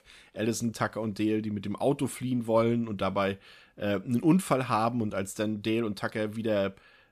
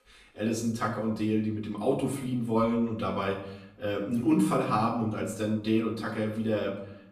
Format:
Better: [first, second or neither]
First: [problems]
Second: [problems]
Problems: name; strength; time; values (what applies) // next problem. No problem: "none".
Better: first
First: none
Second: off-mic speech; far // room echo; slight; dies away in 0.6 s